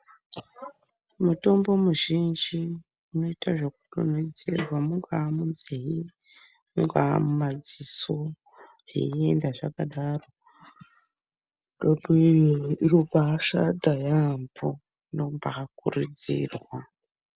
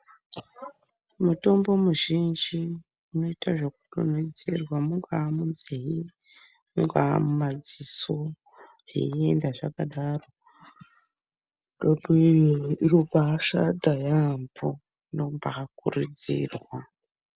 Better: second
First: background sound (Snare drum); 15 dB below the speech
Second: none

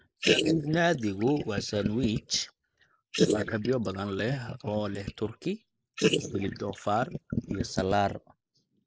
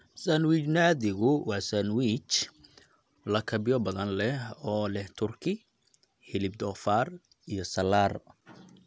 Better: second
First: noise reduction (neural mask model Resemble Enhance denoiser)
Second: none

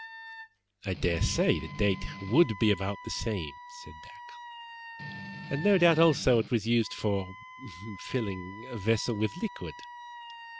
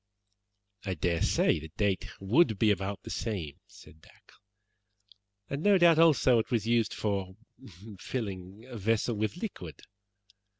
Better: second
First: background sound (Wind instrument, woodwind instrument + Strum); 14 dB below the speech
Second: none

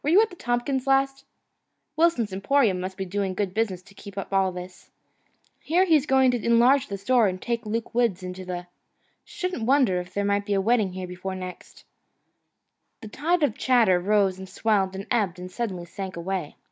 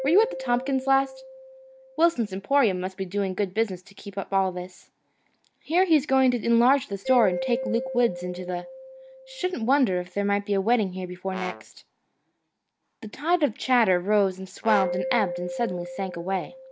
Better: first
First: none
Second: background sound (Mallet percussion + Brass instrument); 11 dB below the speech

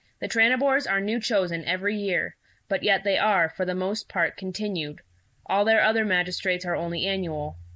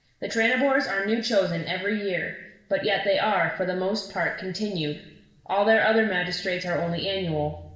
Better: first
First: none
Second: room echo; dies away in 0.8 s

